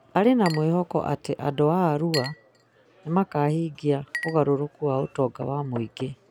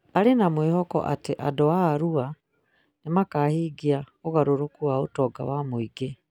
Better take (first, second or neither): second